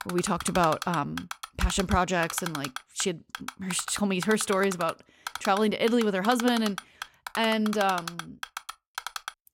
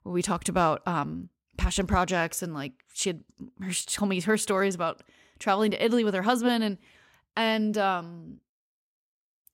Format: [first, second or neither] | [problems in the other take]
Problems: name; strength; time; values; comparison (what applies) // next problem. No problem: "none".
second | keyboard typing; noticeable; peak 7 dB below the speech